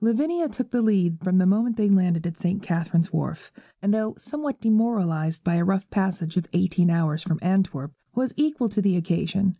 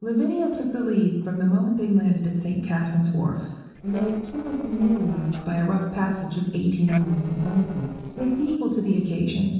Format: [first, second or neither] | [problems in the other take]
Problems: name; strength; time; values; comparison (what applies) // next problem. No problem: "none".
first | noise reduction (neural separator model SepFormer DNS4)